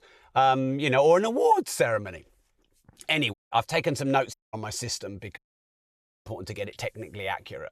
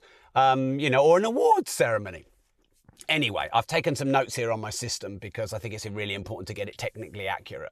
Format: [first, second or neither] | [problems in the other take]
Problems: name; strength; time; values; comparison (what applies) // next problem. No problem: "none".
second | audio cutting out; at 3.5 s, at 4.5 s and at 5.5 s for 1 s